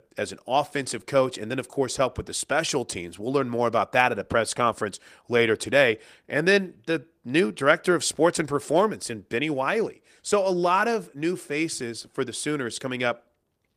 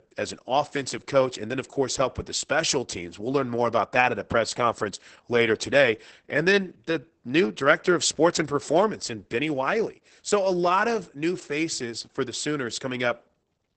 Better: first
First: garbled, watery; slightly; nothing above 15 kHz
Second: garbled, watery; badly; nothing above 8 kHz

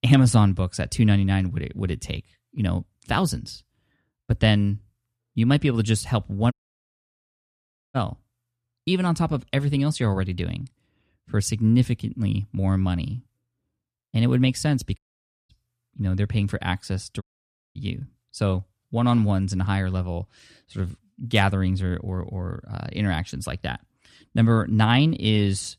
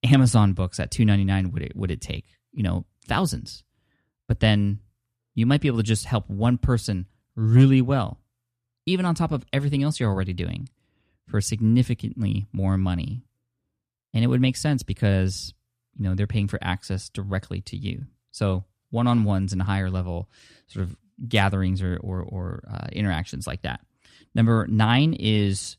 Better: second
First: audio cutting out; at 6.5 s for 1.5 s, at 15 s for 0.5 s and at 17 s for 0.5 s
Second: none

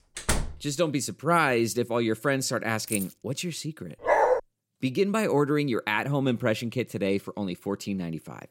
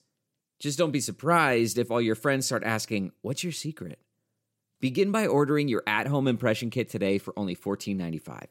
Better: second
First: door banging; noticeable; at the start; peak 2 dB below the speech // jangling keys; noticeable; at 3 s; peak 6 dB below the speech // dog barking; loud; at 4 s; peak 5 dB above the speech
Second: none

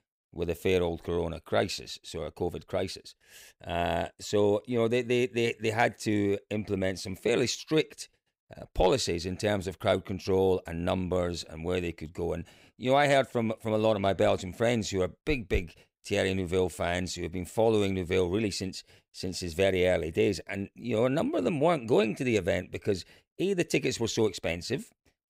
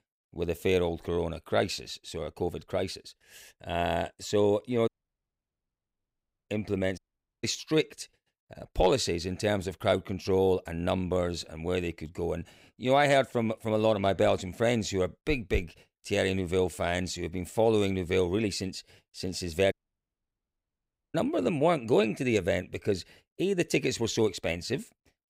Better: first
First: none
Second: audio cutting out; at 5 s for 1.5 s, at 7 s and at 20 s for 1.5 s

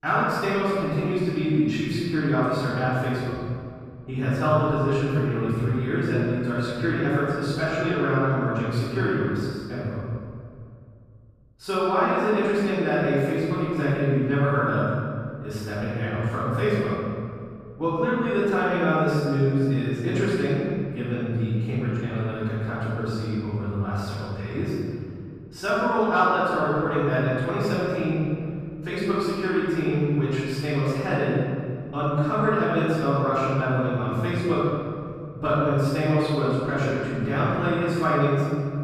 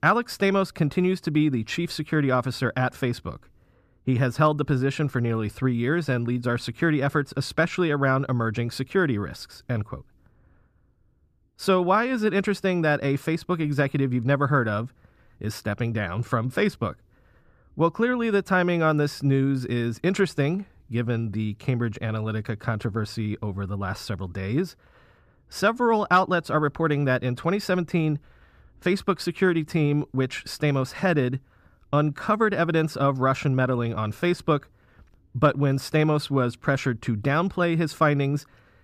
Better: second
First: off-mic speech; far // room echo; strong; dies away in 2 s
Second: none

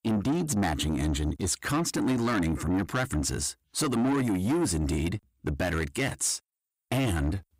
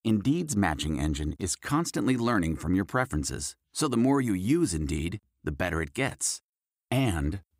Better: second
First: distortion; heavy; 8 dB below the speech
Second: none

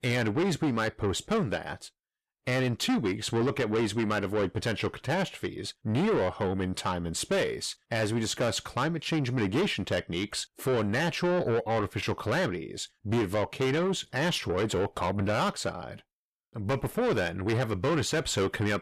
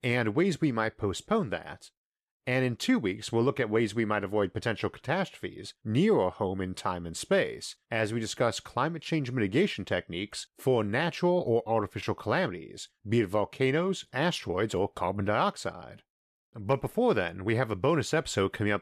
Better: second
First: distortion; heavy; 8 dB below the speech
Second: none

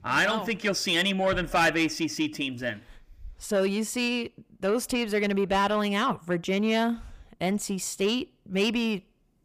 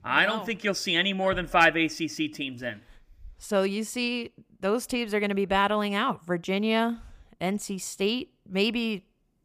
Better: second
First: distortion; slight; 10 dB below the speech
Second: none

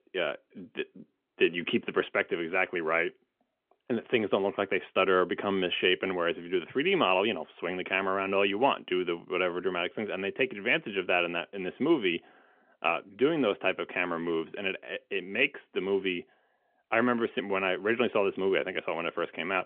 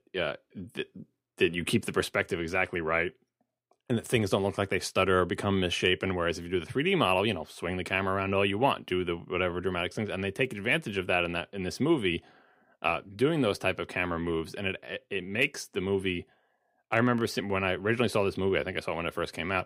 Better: second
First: phone-call audio; nothing above 3 kHz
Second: none

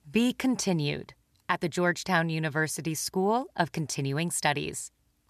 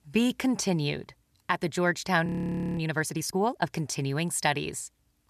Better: first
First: none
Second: audio freezing; at 2.5 s for 0.5 s

